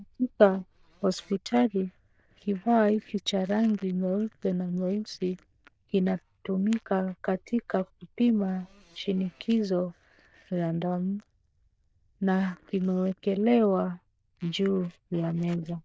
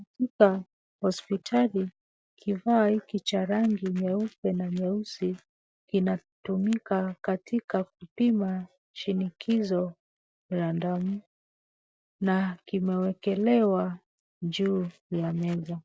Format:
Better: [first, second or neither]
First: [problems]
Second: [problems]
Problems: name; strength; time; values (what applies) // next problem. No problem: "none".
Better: second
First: noise reduction (neural diffusion model UNIVERSE++)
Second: none